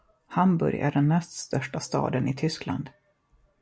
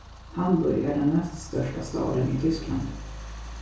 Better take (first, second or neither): first